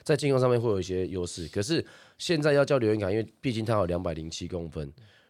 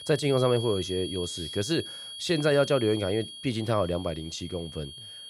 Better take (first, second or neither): first